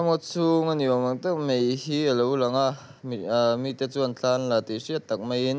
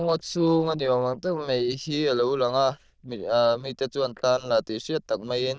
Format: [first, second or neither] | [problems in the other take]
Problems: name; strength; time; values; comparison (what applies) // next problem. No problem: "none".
first | noise reduction (neural diffusion model UNIVERSE++)